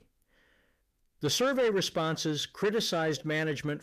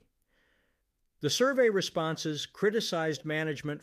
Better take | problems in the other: second | distortion; slight; 10 dB below the speech

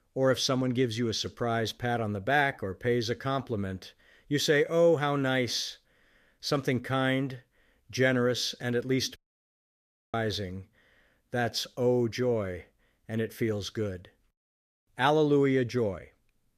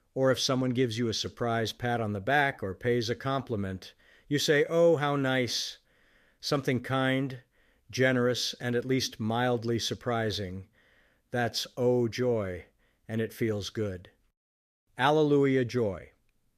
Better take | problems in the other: second | audio cutting out; at 9 s for 1 s

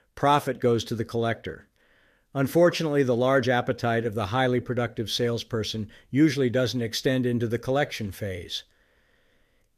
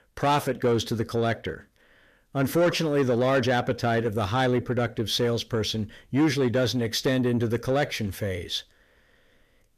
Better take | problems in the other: first | distortion; slight; 10 dB below the speech

